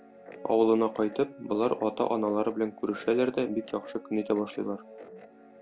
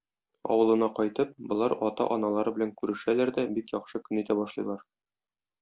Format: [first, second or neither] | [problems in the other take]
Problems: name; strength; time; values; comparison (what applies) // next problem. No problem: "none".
second | background sound (Guitar); 18 dB below the speech